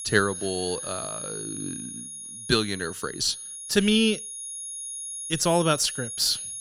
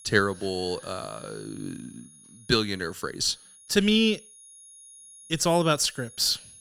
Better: second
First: high-pitched whine; loud; throughout; 10.5 kHz, 9 dB below the speech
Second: high-pitched whine; faint; throughout; 10.5 kHz, 20 dB below the speech

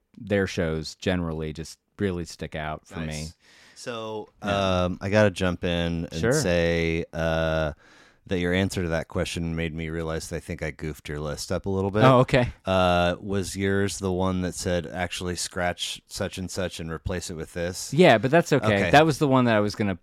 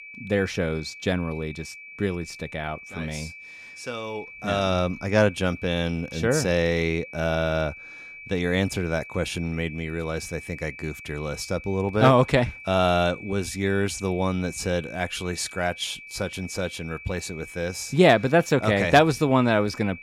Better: first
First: none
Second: high-pitched whine; noticeable; throughout; 2.5 kHz, 15 dB below the speech

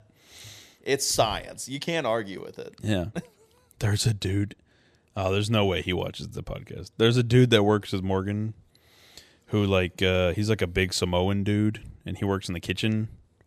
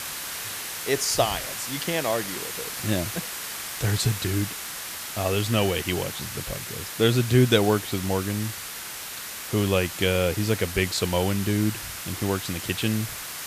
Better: first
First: none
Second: hiss; loud; throughout; 7 dB below the speech

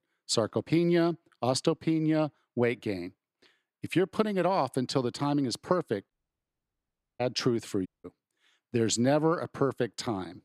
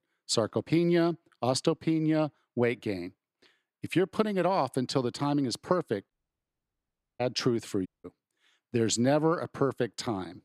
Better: neither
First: audio cutting out; at 6 s for 1 s and at 8 s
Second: audio cutting out; at 6 s for 1 s and at 8 s

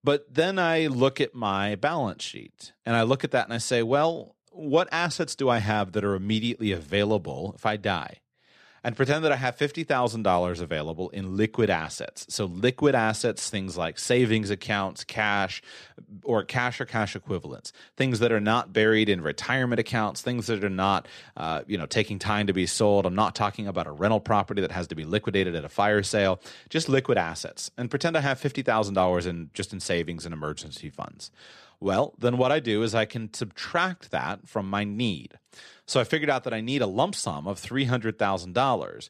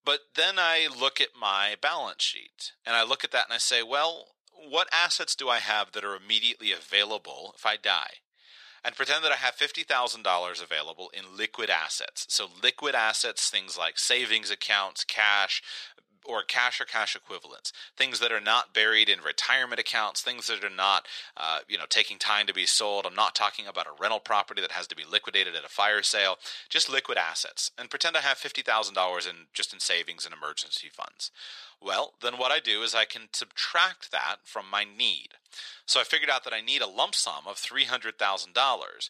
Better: first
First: none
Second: thin; very; fading below 1 kHz

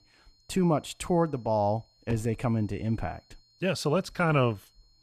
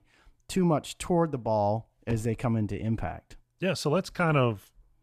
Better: second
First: high-pitched whine; faint; throughout; 4 kHz, 35 dB below the speech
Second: none

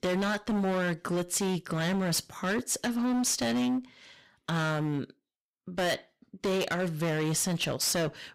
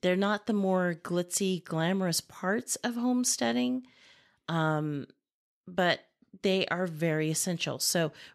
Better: second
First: distortion; heavy; 21% of the sound clipped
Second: none

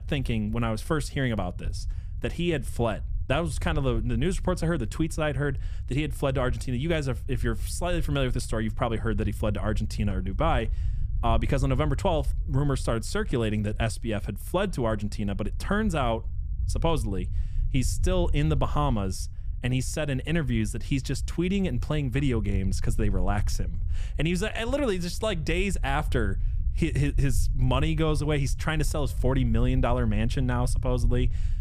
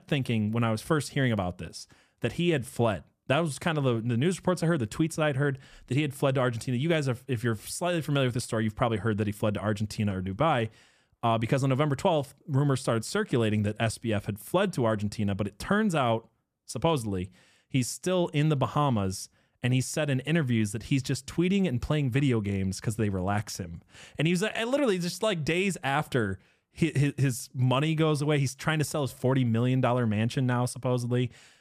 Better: second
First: low rumble; faint; throughout; 20 dB below the speech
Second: none

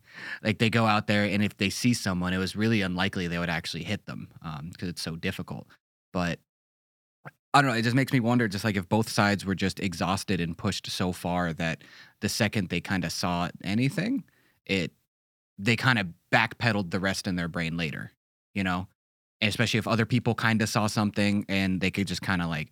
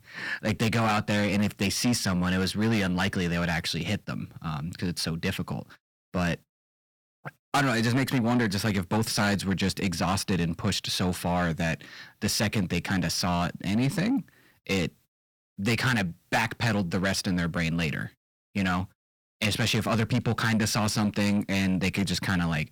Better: first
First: none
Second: distortion; heavy; 7 dB below the speech

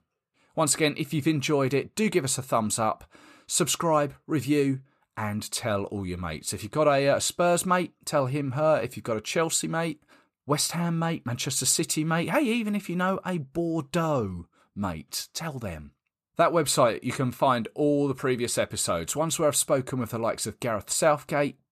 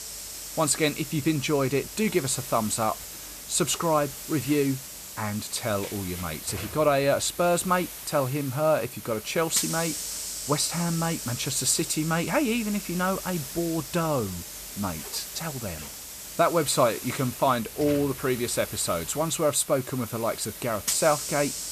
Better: first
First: none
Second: hiss; loud; throughout; 8 dB below the speech

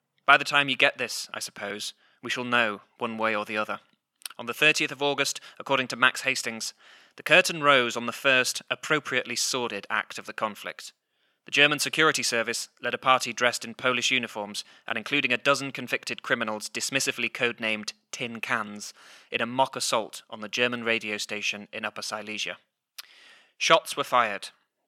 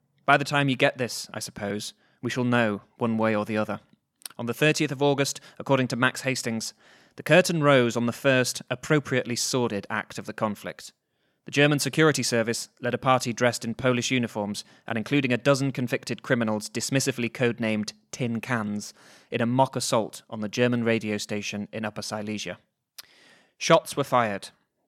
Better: second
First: thin; somewhat; fading below 1 kHz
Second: none

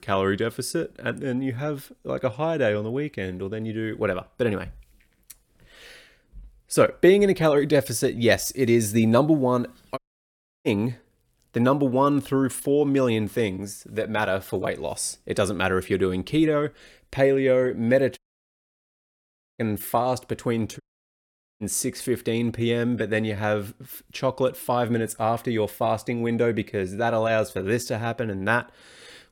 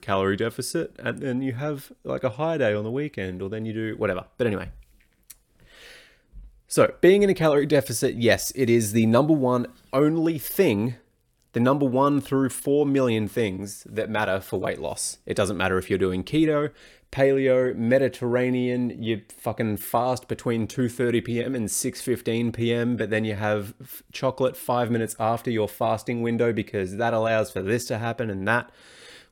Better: second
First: audio cutting out; at 10 s for 0.5 s, at 18 s for 1.5 s and at 21 s for 1 s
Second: none

